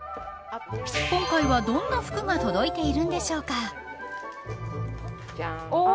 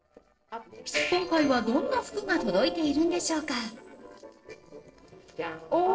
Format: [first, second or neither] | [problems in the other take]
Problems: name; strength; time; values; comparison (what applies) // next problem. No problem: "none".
first | noise reduction (neural separator model SepFormer DNS4)